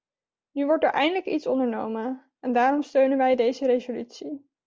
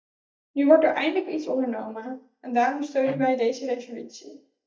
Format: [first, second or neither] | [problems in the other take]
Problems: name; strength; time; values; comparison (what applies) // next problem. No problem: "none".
first | noise reduction (neural mask model DeepFilterNet 3)